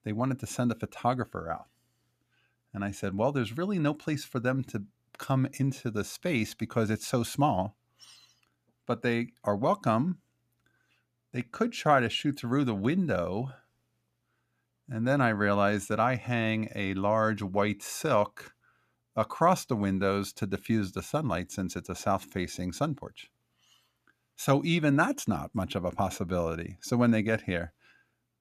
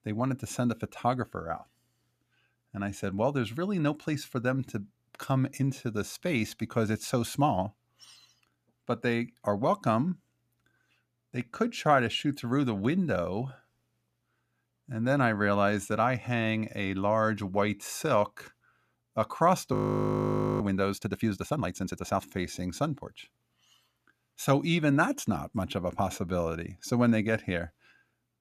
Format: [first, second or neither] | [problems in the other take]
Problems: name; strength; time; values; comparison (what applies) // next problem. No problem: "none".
first | audio freezing; at 20 s for 1 s